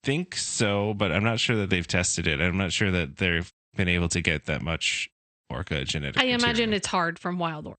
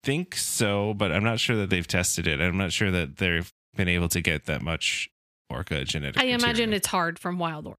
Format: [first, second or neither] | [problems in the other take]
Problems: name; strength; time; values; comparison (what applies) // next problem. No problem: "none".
second | garbled, watery; slightly; nothing above 8.5 kHz